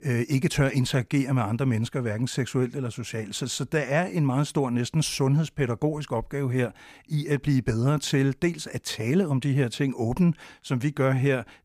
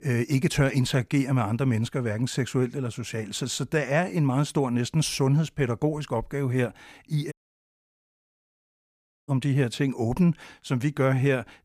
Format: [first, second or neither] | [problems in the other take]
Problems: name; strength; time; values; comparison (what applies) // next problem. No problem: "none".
first | audio cutting out; at 7.5 s for 2 s